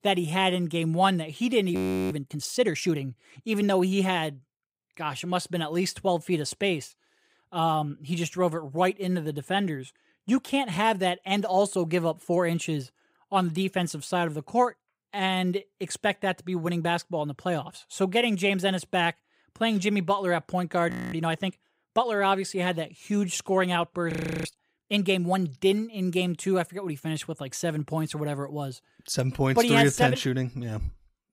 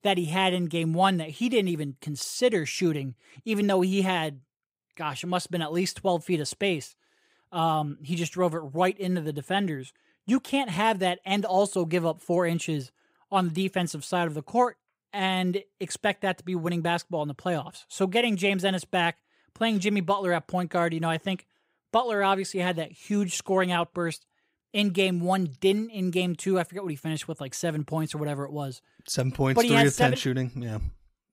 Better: second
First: audio freezing; at 2 s, at 21 s and at 24 s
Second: none

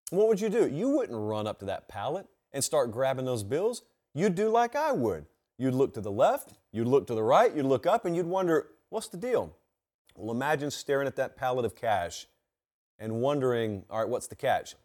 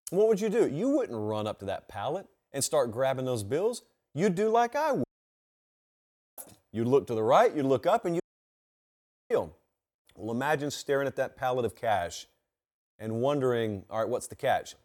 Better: first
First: none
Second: audio cutting out; at 5 s for 1.5 s and at 8 s for 1 s

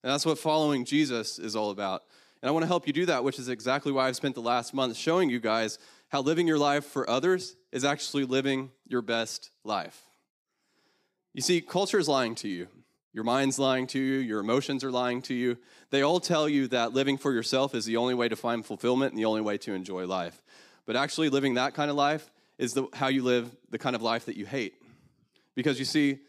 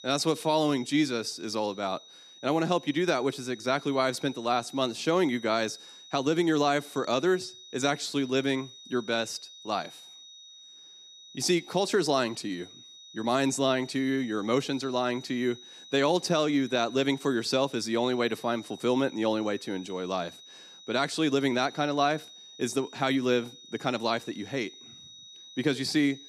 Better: first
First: none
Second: high-pitched whine; noticeable; throughout; 4 kHz, 20 dB below the speech

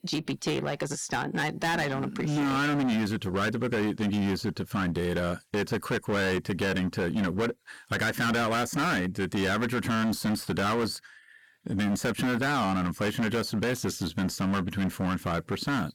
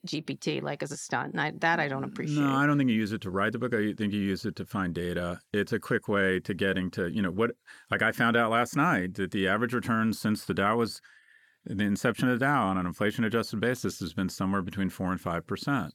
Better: second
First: distortion; heavy; 23% of the sound clipped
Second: none

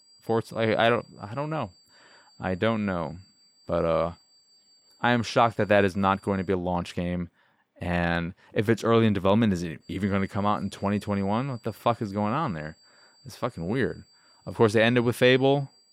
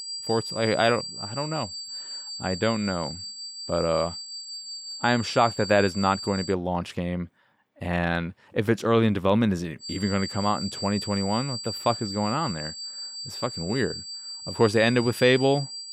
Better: first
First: high-pitched whine; faint; until 6.5 s and from 10 s on; 4.5 kHz, 30 dB below the speech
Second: high-pitched whine; loud; until 6.5 s and from 10 s on; 4.5 kHz, 8 dB below the speech

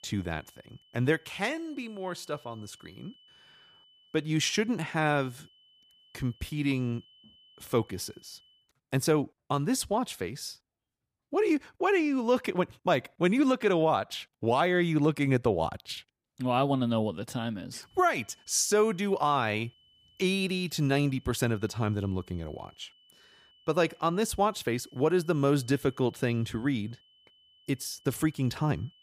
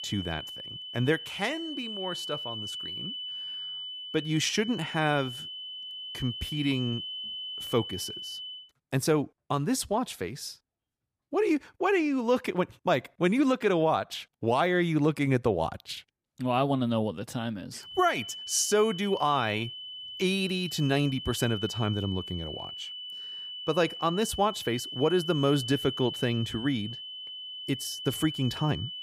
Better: first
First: high-pitched whine; faint; until 8.5 s and from 18 s on; 3 kHz, 30 dB below the speech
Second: high-pitched whine; loud; until 8.5 s and from 18 s on; 3 kHz, 8 dB below the speech

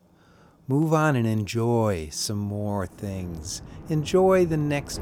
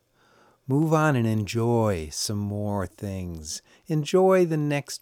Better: second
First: rain or running water; noticeable; throughout; 20 dB below the speech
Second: none

